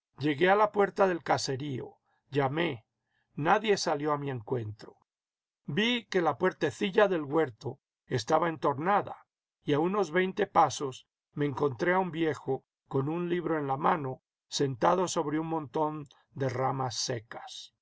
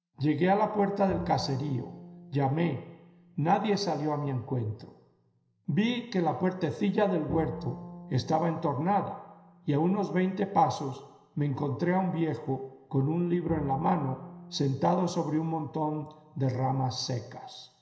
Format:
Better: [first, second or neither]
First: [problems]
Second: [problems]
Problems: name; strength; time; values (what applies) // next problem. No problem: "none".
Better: first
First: none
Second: background sound (Bowed string instrument); 17 dB below the speech // room echo; dies away in 0.9 s